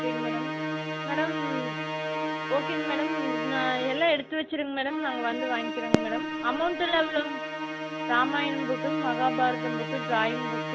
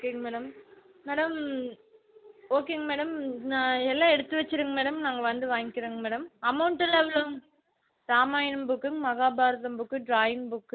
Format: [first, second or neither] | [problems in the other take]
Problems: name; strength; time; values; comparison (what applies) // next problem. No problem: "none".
second | background sound (Musical instrument + Fireworks); 1 dB below the speech